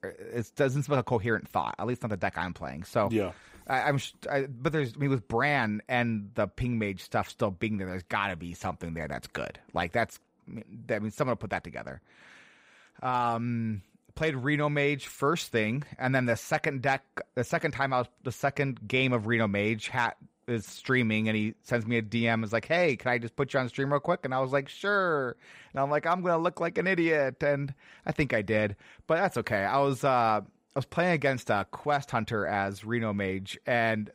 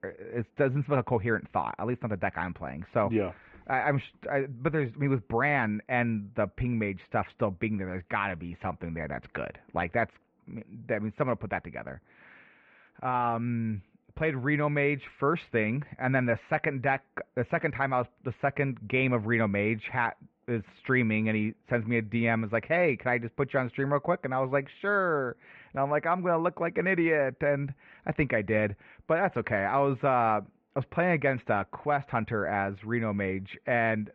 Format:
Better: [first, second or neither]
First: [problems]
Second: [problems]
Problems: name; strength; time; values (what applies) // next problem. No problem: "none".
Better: first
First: none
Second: muffled; very; fading above 2.5 kHz